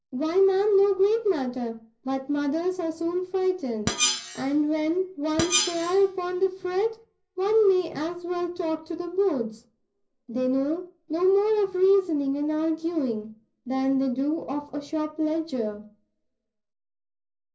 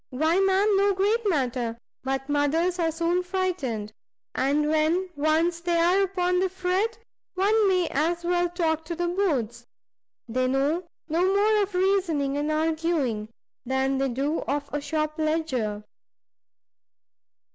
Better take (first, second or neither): second